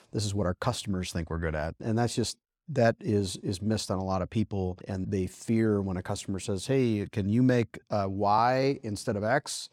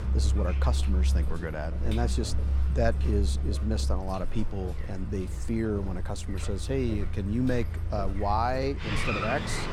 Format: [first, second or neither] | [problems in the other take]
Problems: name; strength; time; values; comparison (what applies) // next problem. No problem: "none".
first | traffic noise; very loud; throughout; 1 dB above the speech